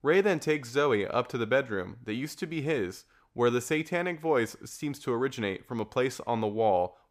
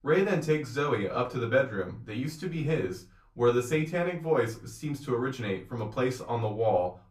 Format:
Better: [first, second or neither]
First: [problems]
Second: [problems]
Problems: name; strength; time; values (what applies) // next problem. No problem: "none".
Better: first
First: none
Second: off-mic speech; far // room echo; very slight; dies away in 0.3 s